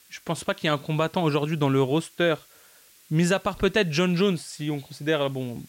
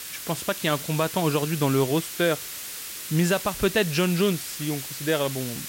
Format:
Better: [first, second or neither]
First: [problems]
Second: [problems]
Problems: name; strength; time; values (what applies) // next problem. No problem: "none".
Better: first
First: hiss; faint; throughout; 25 dB below the speech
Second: hiss; loud; throughout; 8 dB below the speech